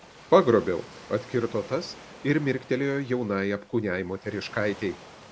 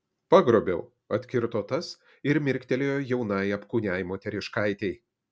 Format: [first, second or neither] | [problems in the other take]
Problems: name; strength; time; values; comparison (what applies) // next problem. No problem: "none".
second | background sound (Waves, surf); 20 dB below the speech